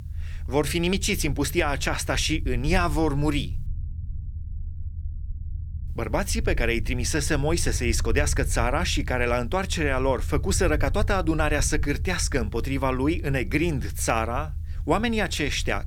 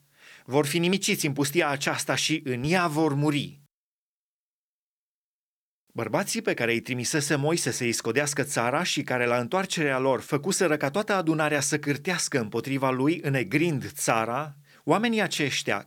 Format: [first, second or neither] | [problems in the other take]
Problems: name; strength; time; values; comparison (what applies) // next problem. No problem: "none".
second | low rumble; faint; throughout; 25 dB below the speech